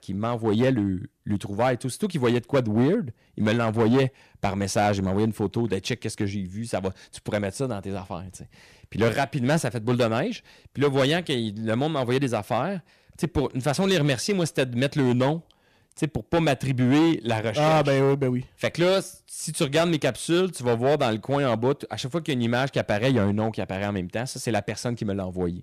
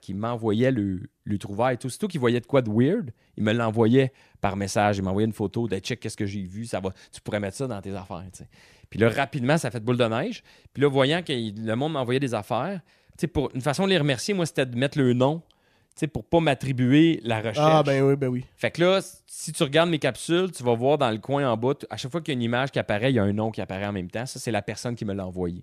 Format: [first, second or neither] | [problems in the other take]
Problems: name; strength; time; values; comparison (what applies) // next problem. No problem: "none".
second | distortion; slight; 6% of the sound clipped